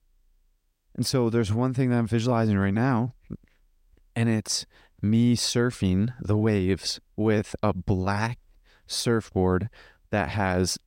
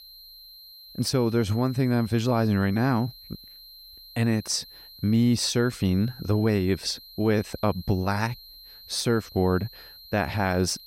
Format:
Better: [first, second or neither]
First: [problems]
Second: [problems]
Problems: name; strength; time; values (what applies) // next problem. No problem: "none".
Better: first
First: none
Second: high-pitched whine; noticeable; throughout; 4 kHz, 20 dB below the speech